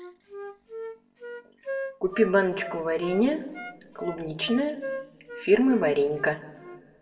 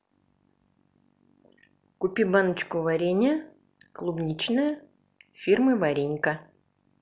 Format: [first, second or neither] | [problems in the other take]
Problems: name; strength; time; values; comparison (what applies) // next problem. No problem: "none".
second | background sound (Wind instrument, woodwind instrument); 12 dB below the speech // room echo; dies away in 1.1 s